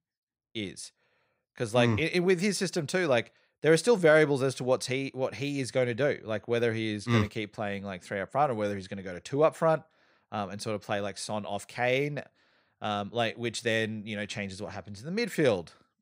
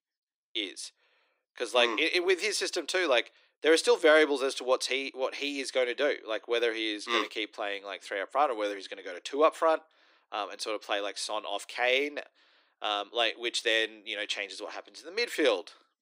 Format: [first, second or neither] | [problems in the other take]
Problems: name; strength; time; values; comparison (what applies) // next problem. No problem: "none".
first | thin; somewhat; fading below 300 Hz